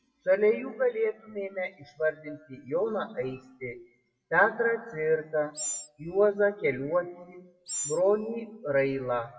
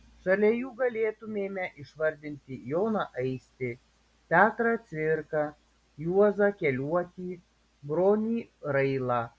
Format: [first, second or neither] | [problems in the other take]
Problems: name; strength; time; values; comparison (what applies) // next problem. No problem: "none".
second | noise reduction (classical method WPE with log-MMSE)